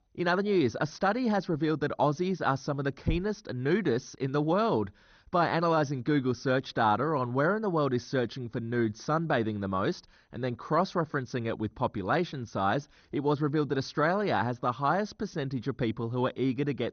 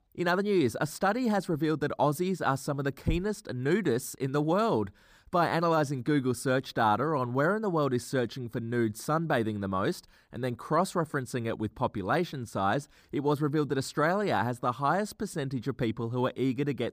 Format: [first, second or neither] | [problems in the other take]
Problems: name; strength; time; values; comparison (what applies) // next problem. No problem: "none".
second | garbled, watery; slightly; nothing above 6.5 kHz